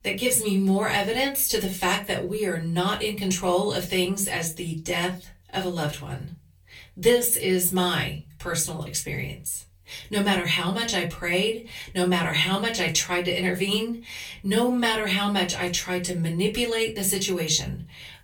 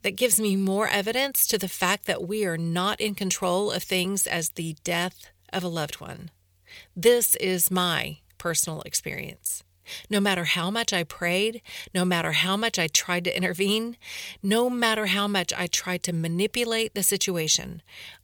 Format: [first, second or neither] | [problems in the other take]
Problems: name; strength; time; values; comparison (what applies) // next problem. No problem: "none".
second | off-mic speech; far // room echo; very slight; dies away in 0.3 s